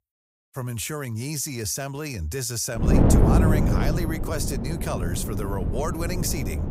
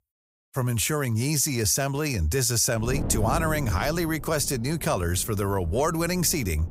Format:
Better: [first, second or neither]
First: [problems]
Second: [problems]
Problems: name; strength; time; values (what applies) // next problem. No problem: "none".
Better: second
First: wind noise on the microphone; heavy; from 3 s on; as loud as the speech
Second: wind noise on the microphone; occasional gusts; from 3 s on; 15 dB below the speech